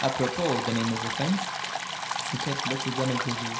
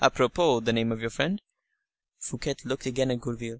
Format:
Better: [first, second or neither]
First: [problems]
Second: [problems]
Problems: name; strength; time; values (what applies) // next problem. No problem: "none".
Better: second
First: background sound (Stream); 2 dB below the speech // room echo; dies away in 0.5 s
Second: none